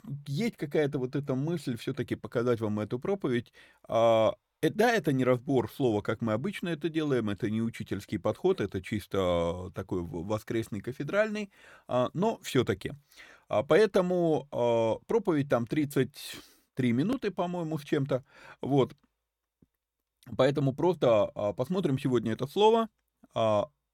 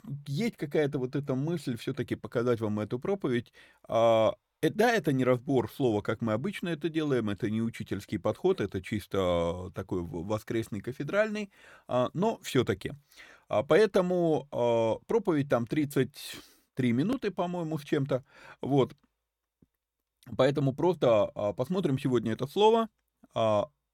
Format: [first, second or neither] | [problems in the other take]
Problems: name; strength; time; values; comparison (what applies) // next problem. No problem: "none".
neither | none